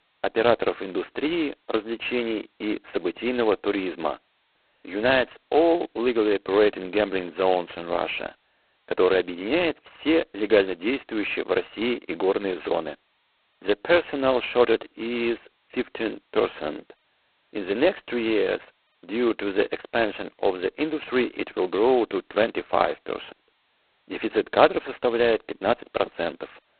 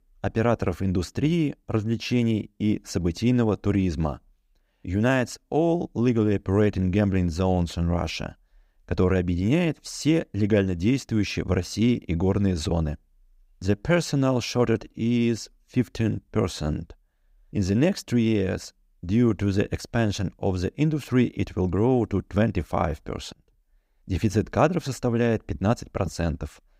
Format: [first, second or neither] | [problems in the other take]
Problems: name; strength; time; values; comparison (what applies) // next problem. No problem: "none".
second | phone-call audio; poor line; nothing above 4 kHz